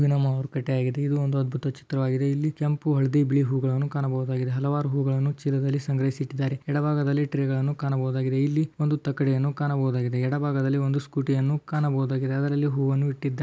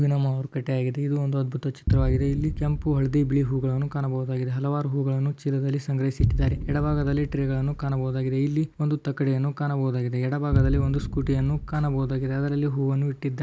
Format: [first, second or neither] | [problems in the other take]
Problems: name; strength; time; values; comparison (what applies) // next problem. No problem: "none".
first | background sound (Boom); 7 dB below the speech